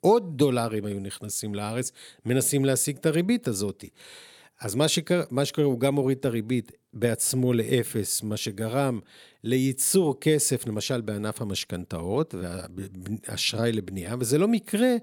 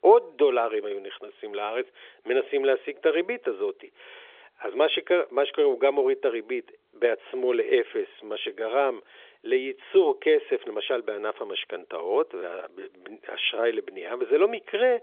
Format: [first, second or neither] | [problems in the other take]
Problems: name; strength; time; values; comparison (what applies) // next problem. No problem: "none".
first | phone-call audio; nothing above 3.5 kHz